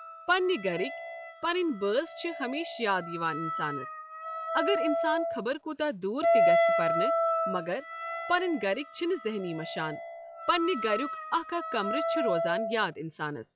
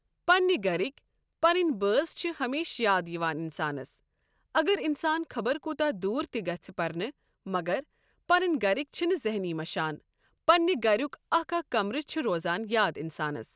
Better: second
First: noise reduction (classical method log-MMSE)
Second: none

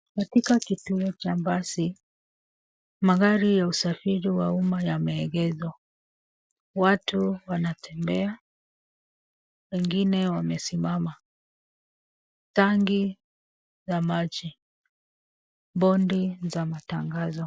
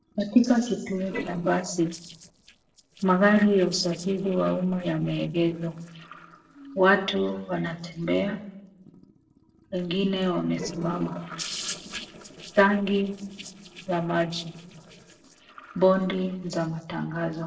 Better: first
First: none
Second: noise reduction (neural separator model SepFormer DNS4)

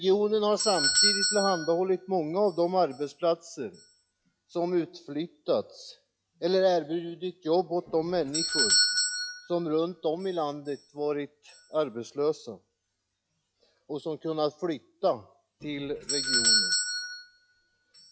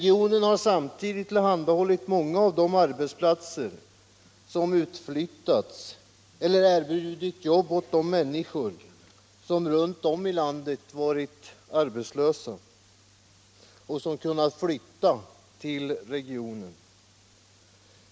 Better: second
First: noise reduction (classical method log-MMSE)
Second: none

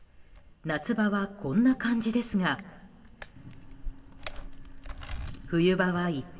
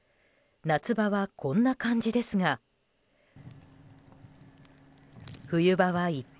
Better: second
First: background sound (Camera); 13 dB below the speech // room echo; dies away in 1.4 s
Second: none

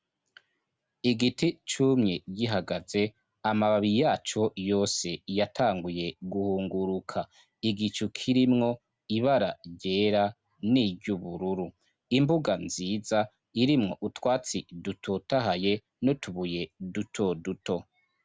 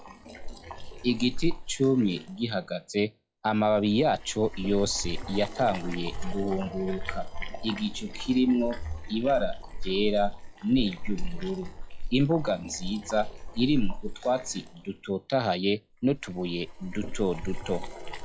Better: first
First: none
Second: noise reduction (classical method log-MMSE)

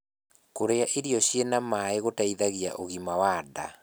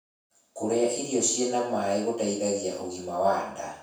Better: first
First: none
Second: room echo; dies away in 0.6 s

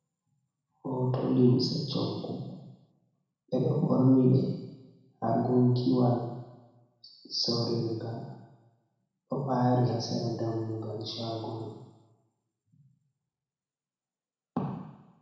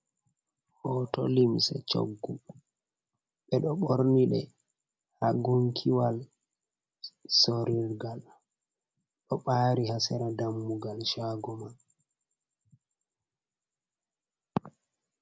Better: second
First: room echo; dies away in 1.1 s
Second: none

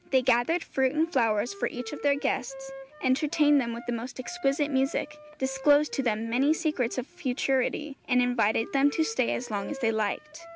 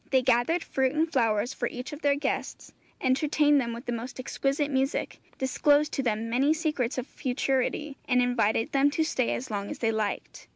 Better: second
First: background sound (Wind instrument, woodwind instrument); 18 dB below the speech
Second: none

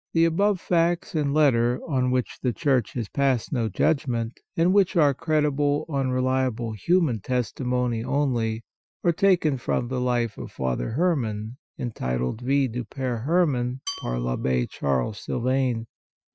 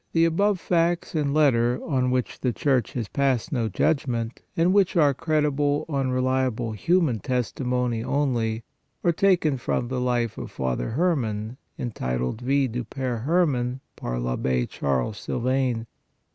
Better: second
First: noise reduction (classical method Wiener filter)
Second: none

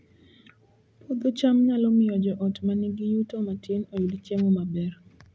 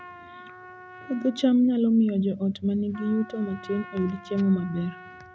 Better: first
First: none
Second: background sound (Trumpet); 20 dB below the speech

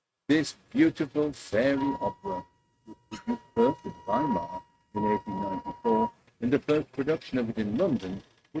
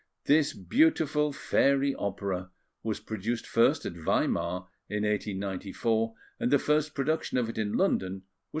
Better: second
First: noise reduction (neural mask model RNNoise)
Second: none

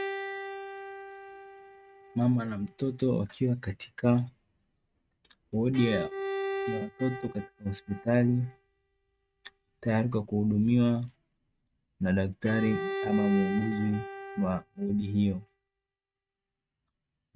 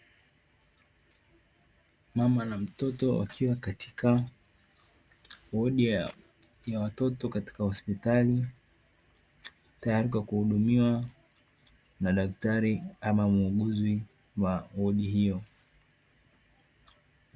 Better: second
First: noise reduction (neural mask model RNNoise)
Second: none

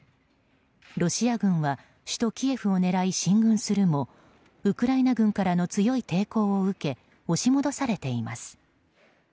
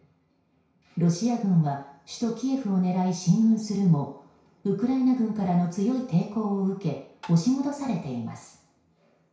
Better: first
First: none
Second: background sound (Tap); 19 dB below the speech // room echo; dies away in 0.6 s

